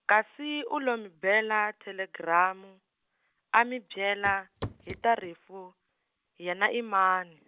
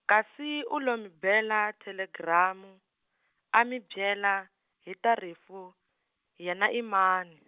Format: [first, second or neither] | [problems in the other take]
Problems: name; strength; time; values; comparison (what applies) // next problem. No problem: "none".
second | background sound (Walk, footsteps / Run / Wood); 13 dB below the speech